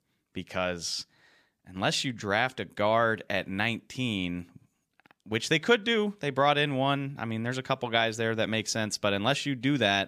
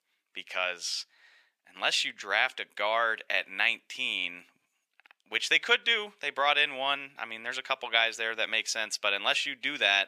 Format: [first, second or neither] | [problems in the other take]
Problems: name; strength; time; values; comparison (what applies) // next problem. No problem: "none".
first | thin; very; fading below 650 Hz